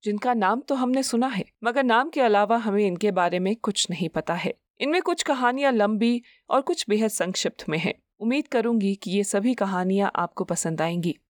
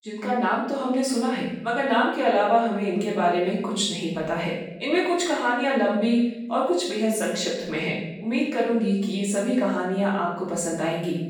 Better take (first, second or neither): first